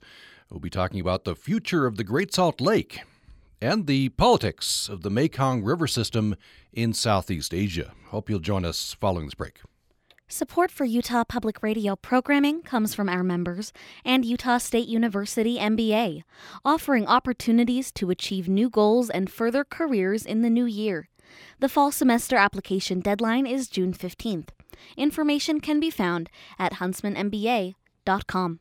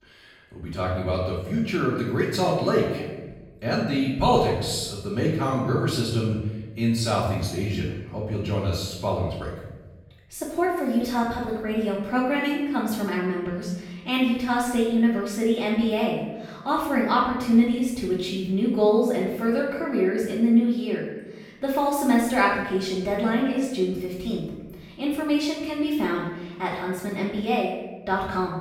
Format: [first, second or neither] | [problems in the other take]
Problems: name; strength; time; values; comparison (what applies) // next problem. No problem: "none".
first | off-mic speech; far // room echo; noticeable; dies away in 1.1 s